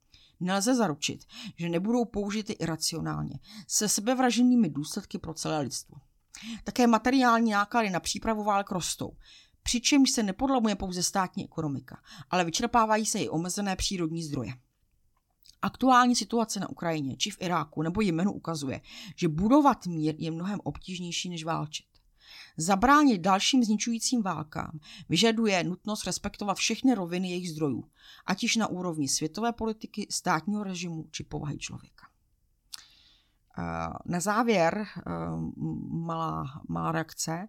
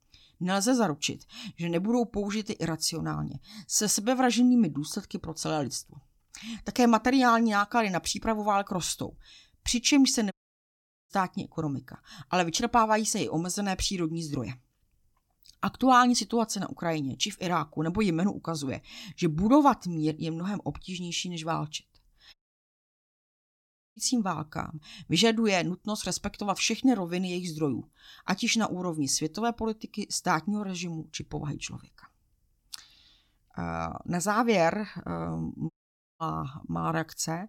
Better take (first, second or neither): first